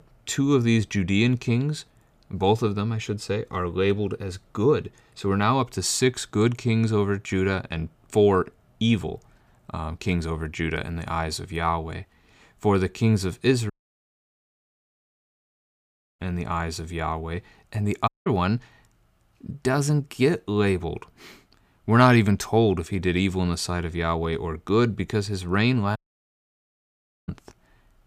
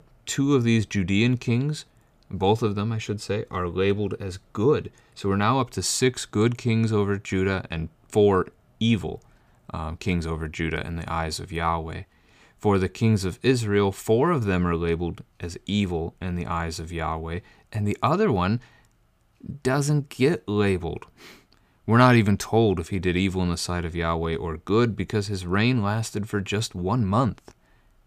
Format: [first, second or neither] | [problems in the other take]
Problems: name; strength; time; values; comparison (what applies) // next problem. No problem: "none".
second | audio cutting out; at 14 s for 2.5 s, at 18 s and at 26 s for 1.5 s